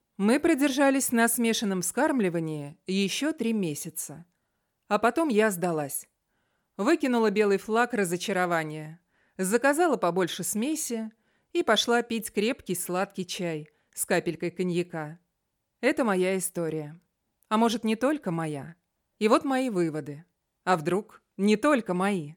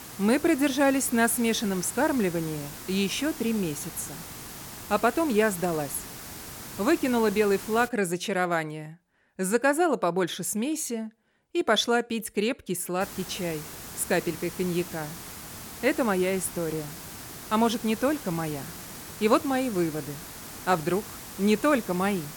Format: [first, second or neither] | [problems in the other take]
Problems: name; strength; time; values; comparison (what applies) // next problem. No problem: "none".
first | hiss; noticeable; until 8 s and from 13 s on; 10 dB below the speech